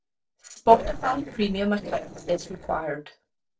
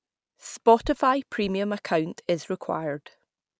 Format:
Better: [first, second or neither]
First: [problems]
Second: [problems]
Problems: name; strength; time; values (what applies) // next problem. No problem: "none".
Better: second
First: noise reduction (neural separator model SepFormer DNS4)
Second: none